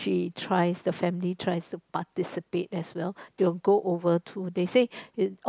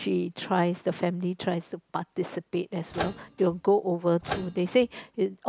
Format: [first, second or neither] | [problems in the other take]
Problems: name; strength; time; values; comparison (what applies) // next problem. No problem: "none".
first | background sound (Microwave oven); 11 dB below the speech